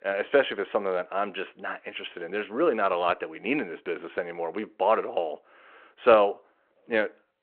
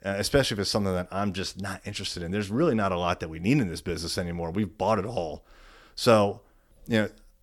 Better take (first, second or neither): second